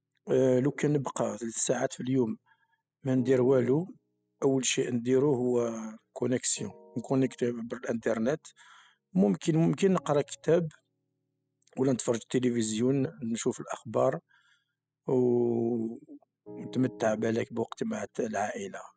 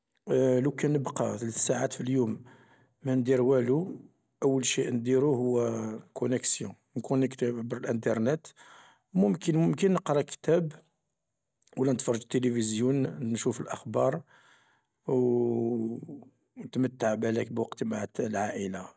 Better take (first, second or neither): second